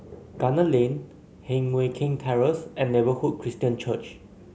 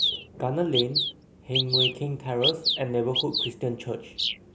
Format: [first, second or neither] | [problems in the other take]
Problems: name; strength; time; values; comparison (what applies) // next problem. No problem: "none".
first | background sound (Bird vocalization, bird call, bird song); as loud as the speech